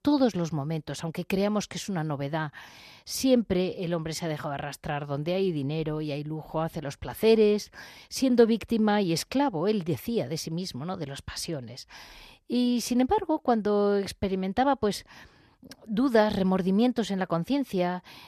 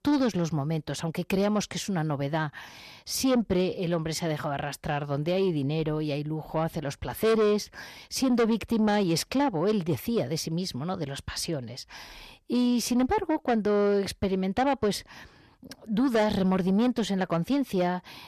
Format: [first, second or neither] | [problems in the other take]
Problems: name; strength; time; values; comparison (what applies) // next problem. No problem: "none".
first | distortion; slight; 10 dB below the speech